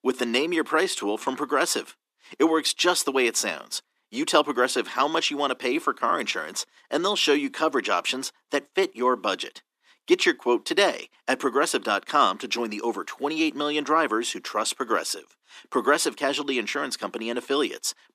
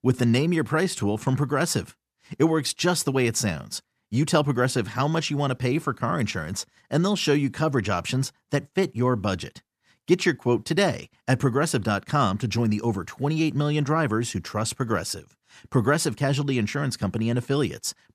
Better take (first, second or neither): second